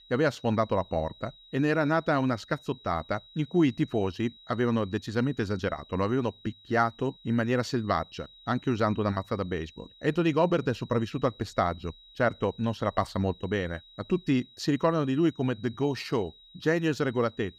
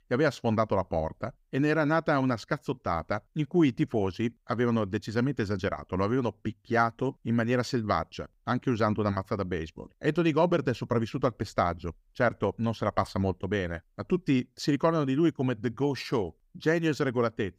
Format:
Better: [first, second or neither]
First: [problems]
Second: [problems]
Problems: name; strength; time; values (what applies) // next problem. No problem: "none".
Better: second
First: high-pitched whine; faint; throughout; 4 kHz, 25 dB below the speech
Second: none